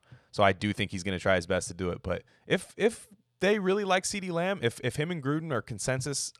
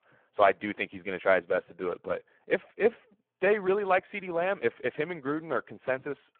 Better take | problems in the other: first | phone-call audio; poor line

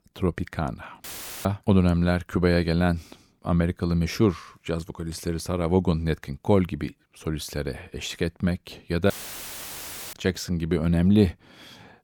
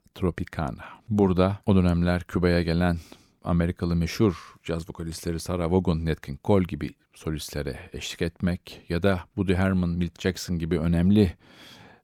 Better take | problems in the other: second | audio cutting out; filled with static; at 1 s and at 9 s for 1 s

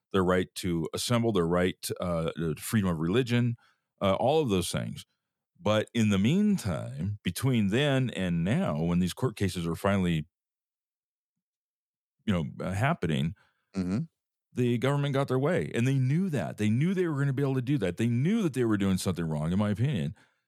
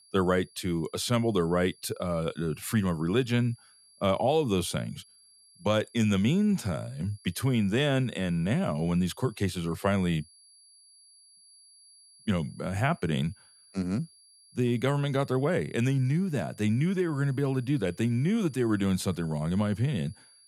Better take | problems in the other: first | high-pitched whine; faint; throughout; 4.5 kHz, 25 dB below the speech

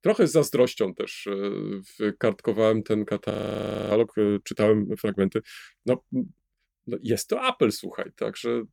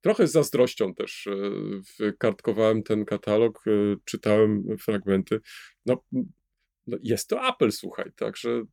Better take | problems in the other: second | audio freezing; at 3.5 s for 0.5 s

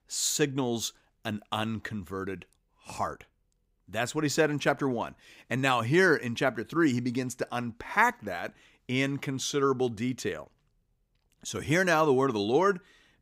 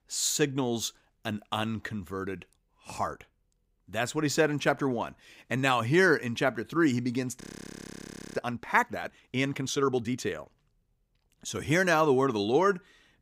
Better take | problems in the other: first | audio freezing; at 7.5 s for 1 s

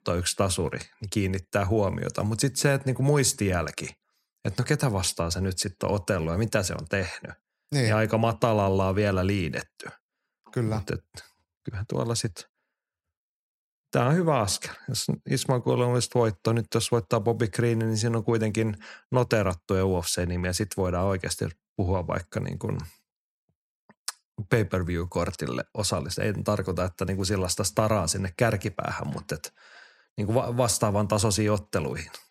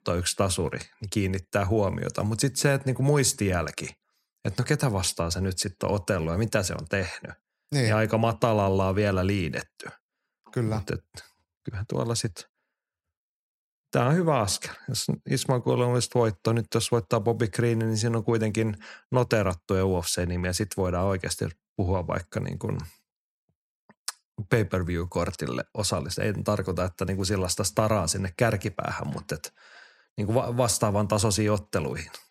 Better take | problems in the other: neither | none

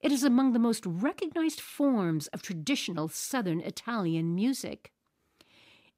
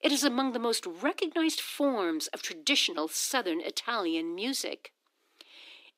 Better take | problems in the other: first | thin; somewhat; fading below 300 Hz

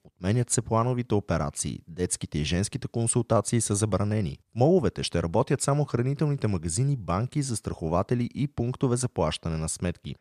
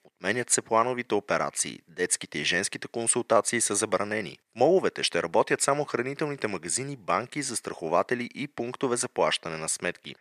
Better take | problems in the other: first | thin; somewhat; fading below 350 Hz

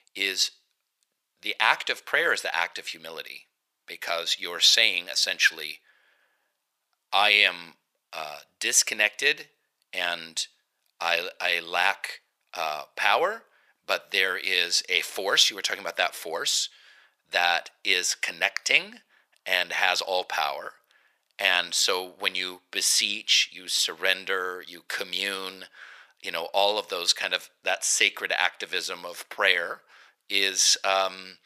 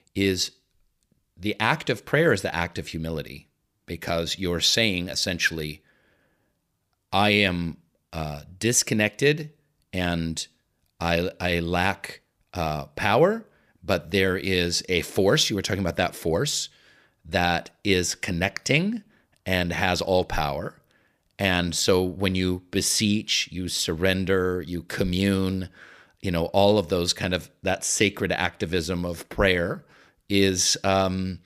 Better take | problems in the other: second | thin; very; fading below 900 Hz

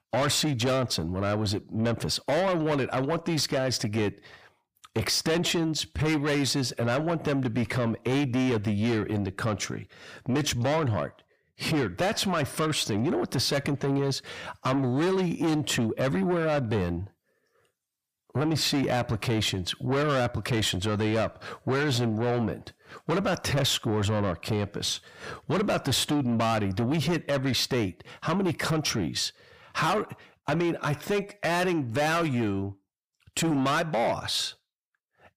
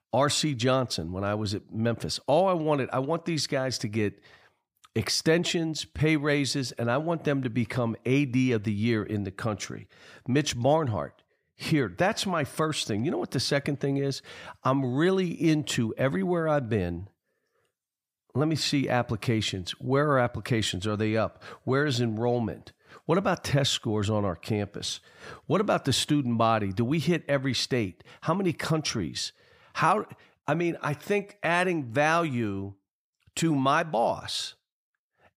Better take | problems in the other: second | distortion; heavy; 8 dB below the speech

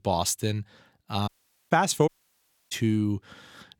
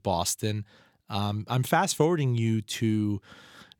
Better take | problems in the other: second | audio cutting out; at 1.5 s and at 2 s for 0.5 s

